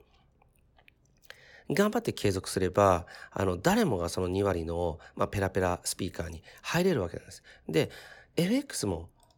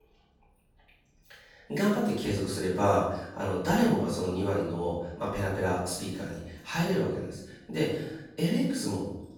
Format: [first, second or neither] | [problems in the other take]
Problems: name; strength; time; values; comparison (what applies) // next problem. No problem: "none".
first | off-mic speech; far // room echo; noticeable; dies away in 0.7 s